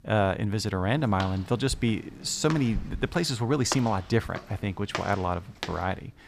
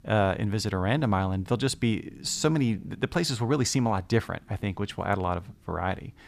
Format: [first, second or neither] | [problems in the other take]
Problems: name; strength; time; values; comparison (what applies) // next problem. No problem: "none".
second | footsteps; noticeable; from 1 to 5.5 s; peak 8 dB below the speech